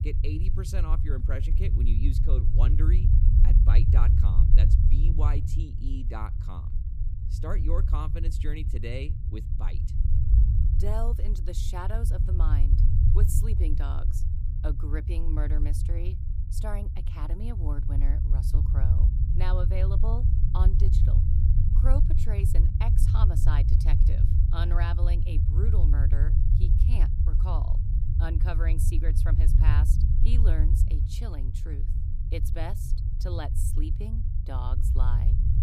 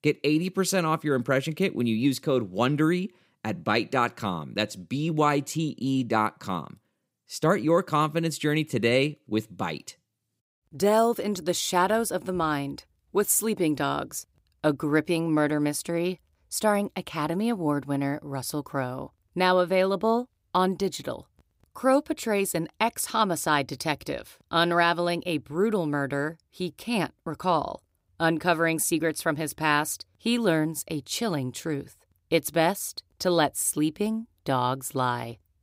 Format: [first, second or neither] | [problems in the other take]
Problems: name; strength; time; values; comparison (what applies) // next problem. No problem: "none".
second | low rumble; loud; throughout; 2 dB below the speech